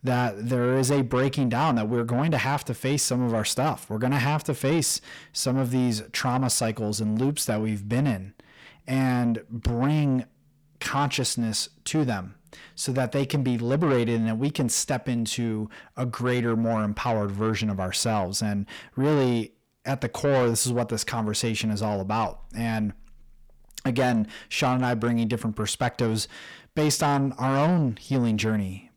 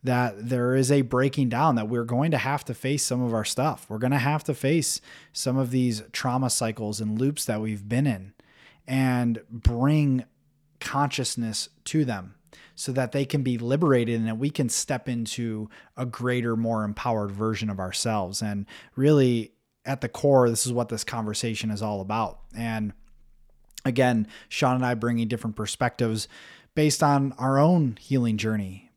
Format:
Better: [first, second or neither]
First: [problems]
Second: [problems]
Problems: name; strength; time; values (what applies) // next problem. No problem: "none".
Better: second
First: distortion; slight; 10 dB below the speech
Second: none